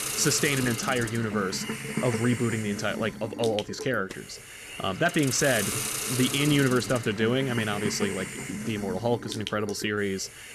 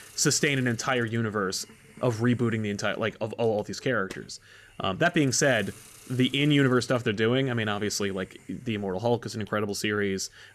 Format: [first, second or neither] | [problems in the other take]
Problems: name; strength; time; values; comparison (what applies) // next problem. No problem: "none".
second | hiss; loud; throughout; 5 dB below the speech; faint in the second